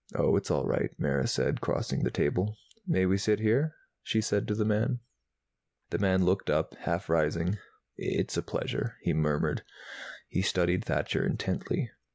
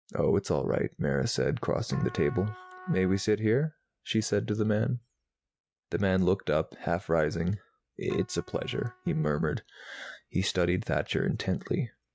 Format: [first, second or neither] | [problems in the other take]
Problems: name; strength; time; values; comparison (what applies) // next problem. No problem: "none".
first | noise reduction (neural mask model RNNoise)